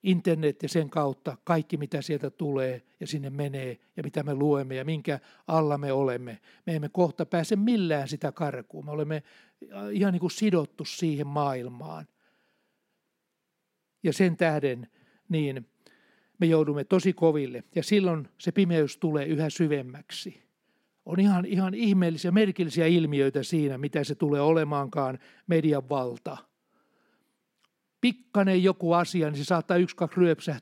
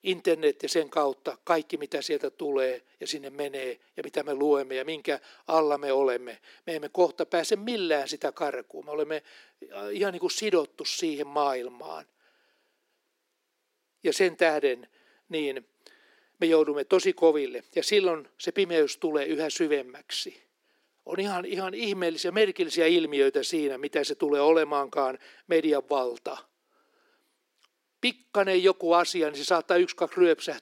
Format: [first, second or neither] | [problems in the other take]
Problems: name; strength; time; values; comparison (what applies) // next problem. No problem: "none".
first | thin; somewhat; fading below 350 Hz